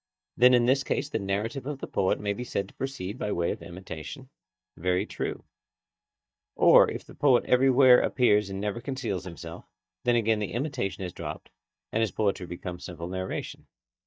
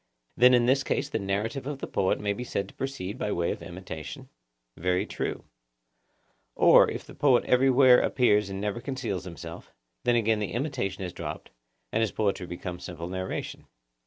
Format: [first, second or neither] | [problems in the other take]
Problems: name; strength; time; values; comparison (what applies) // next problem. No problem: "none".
second | noise reduction (neural mask model DeepFilterNet 3)